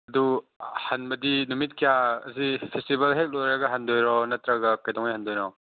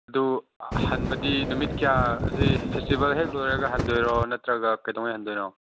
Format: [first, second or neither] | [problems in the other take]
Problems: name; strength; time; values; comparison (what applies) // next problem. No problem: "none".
first | background sound (Wind); 1 dB below the speech